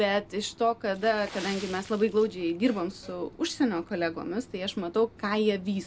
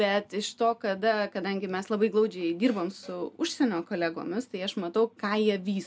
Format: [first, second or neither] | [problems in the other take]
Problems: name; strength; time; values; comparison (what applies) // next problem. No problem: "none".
second | background sound (Mechanisms + Water / Splash, splatter); 20 dB below the speech